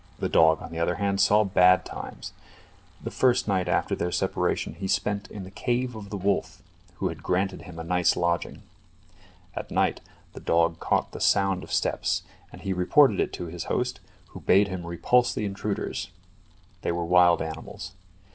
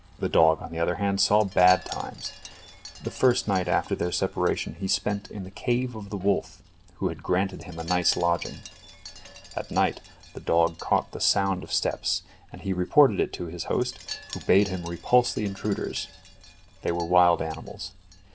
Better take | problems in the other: first | background sound (Wind chime); 20 dB below the speech

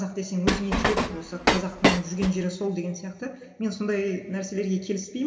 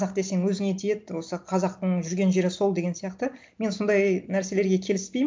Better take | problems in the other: second | background sound (Train); 3 dB above the speech // room echo; dies away in 1.7 s

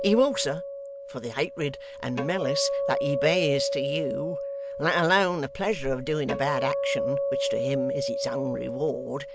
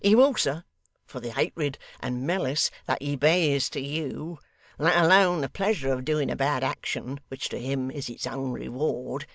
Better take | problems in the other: second | background sound (Acoustic guitar); 2 dB below the speech

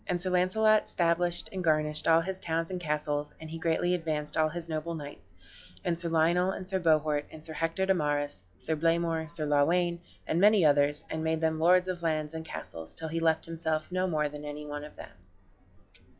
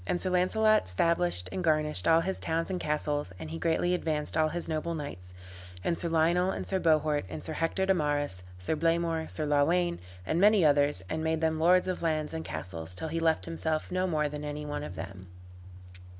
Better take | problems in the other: second | noise reduction (classical method log-MMSE)

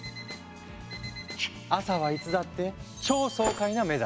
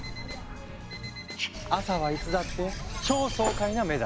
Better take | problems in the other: first | background sound (Bird); 7 dB below the speech

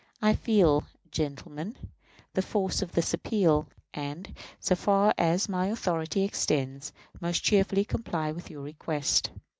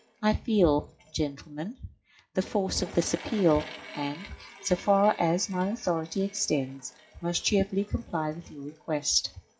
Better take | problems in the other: first | noise reduction (classical method WPE with log-MMSE)

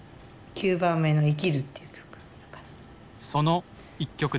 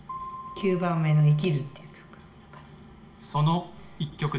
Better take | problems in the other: first | background sound (Piano); 18 dB below the speech // room echo; dies away in 1.5 s

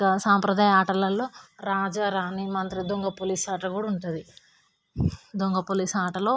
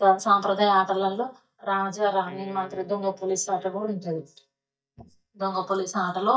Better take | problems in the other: first | noise reduction (neural mask model DeepFilterNet 3)

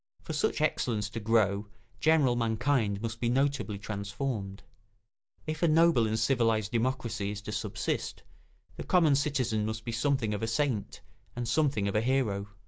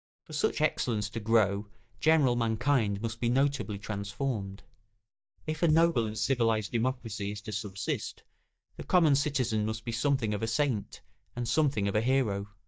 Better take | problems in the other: first | noise reduction (neural mask model DeepFilterNet 3)

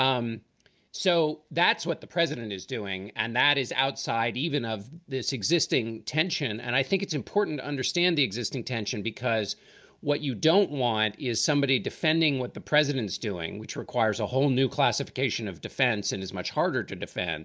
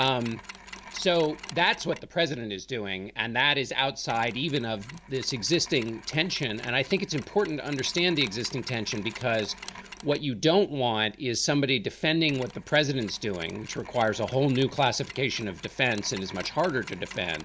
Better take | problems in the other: first | background sound (Mechanisms); 18 dB below the speech

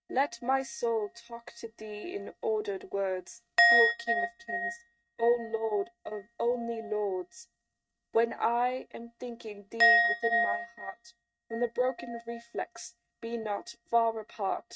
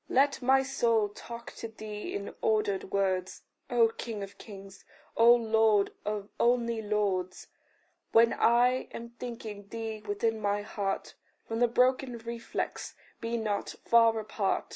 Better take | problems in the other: second | noise reduction (neural mask model RNNoise)

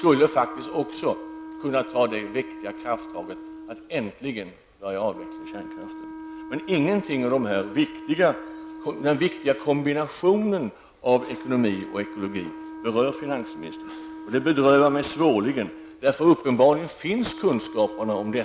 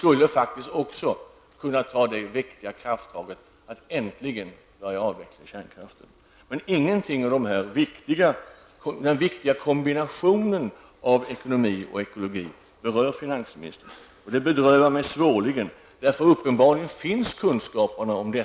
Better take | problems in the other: second | background sound (Wind instrument, woodwind instrument); 14 dB below the speech

